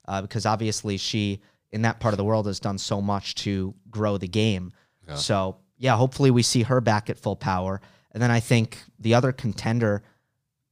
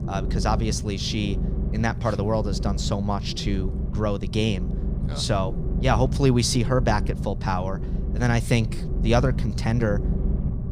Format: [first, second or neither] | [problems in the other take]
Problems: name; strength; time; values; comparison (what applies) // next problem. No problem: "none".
first | low rumble; noticeable; throughout; 10 dB below the speech